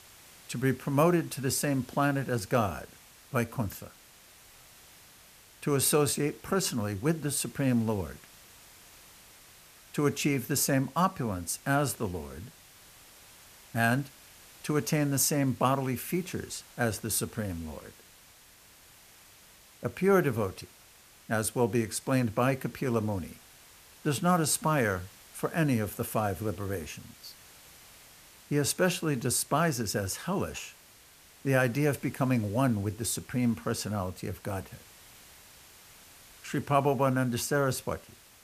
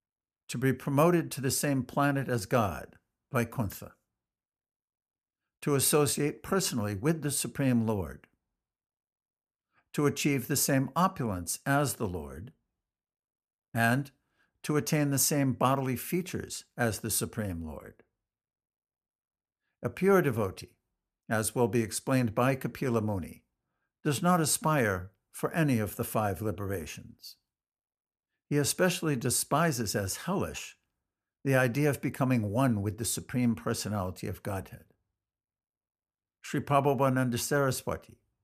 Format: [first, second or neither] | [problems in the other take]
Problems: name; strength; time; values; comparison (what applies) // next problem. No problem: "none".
second | hiss; faint; throughout; 25 dB below the speech